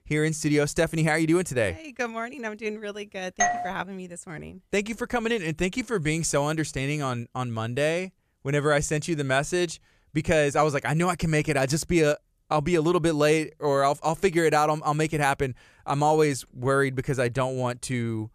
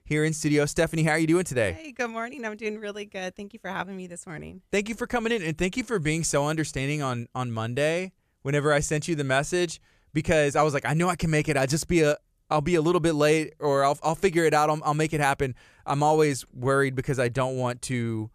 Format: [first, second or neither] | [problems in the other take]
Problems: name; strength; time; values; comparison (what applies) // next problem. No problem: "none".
second | doorbell; loud; at 3.5 s; peak 1 dB above the speech